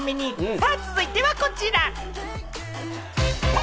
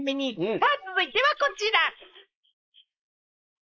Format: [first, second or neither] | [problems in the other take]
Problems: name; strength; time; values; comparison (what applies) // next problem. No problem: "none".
first | noise reduction (neural mask model Resemble Enhance denoiser)